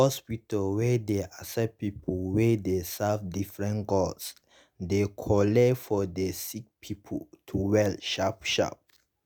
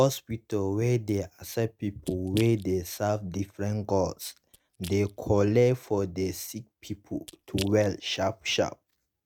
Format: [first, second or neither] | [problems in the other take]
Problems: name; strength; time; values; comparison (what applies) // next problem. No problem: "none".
first | noise reduction (neural mask model RNNoise)